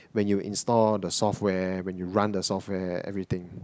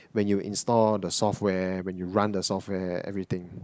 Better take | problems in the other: first | noise reduction (neural mask model Resemble Enhance denoiser)

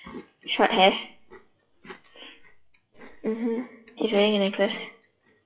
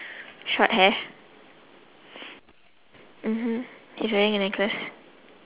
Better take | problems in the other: second | noise reduction (classical method WPE with log-MMSE)

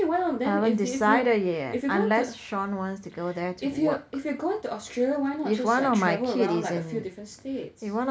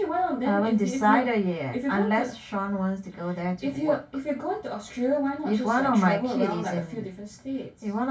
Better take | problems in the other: first | room echo; dies away in 0.1 s

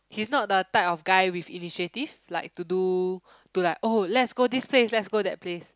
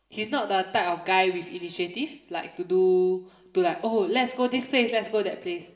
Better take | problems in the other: first | room echo; dies away in 2.3 s

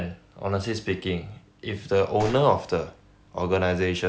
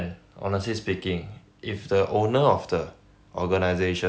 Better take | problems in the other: second | background sound (Gunshot, gunfire); 17 dB below the speech

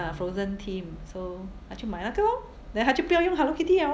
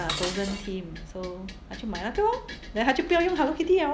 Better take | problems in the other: first | background sound (Dishes, pots, and pans); 13 dB below the speech

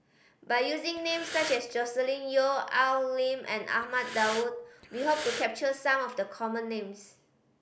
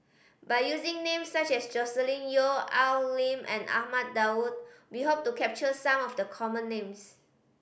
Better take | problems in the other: second | background sound (Breathing); 10 dB below the speech

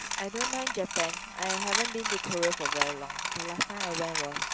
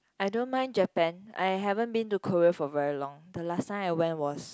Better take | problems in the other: second | background sound (Coin (dropping)); 3 dB above the speech

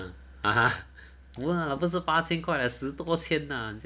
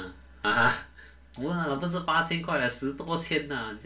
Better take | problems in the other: first | room echo; dies away in 0.2 s

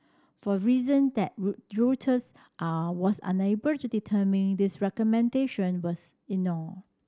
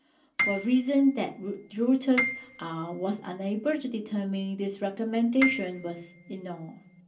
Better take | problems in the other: first | background sound (Piano); 7 dB below the speech // room echo; dies away in 0.3 s

